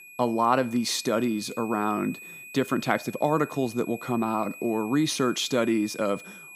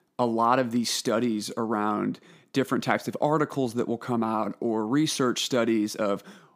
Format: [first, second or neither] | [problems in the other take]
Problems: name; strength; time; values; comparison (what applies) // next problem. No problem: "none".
second | high-pitched whine; noticeable; throughout; 2.5 kHz, 15 dB below the speech